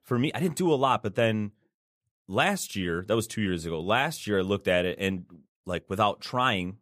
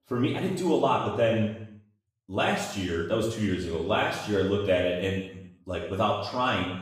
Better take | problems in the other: first | room echo; noticeable; dies away in 0.9 s // off-mic speech; far

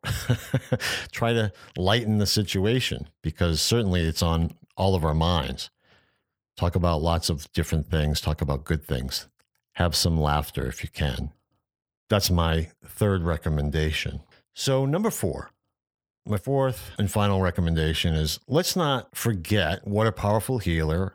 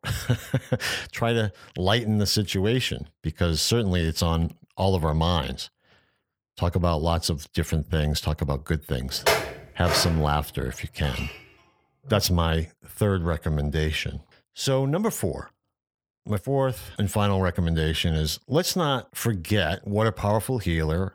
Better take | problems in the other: first | clattering dishes; loud; from 9.5 to 12 s; peak 2 dB above the speech

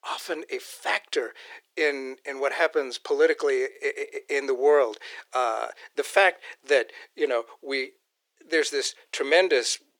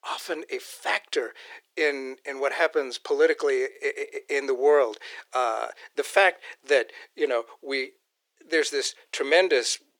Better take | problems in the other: neither | thin; very; fading below 350 Hz; the same in both

